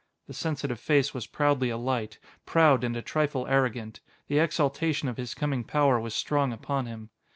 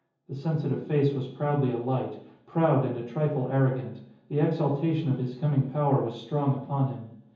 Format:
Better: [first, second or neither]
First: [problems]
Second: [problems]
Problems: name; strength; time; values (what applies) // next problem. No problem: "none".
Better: first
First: none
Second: room echo; dies away in 0.7 s